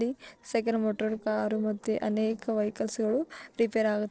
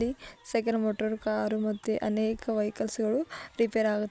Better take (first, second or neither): second